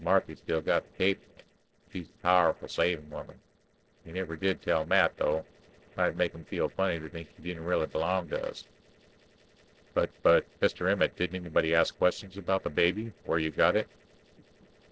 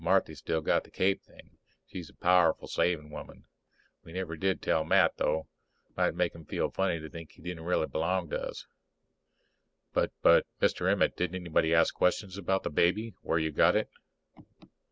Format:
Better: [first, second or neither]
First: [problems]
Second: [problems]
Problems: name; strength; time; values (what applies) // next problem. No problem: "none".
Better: second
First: noise reduction (neural separator model SepFormer DNS4)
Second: none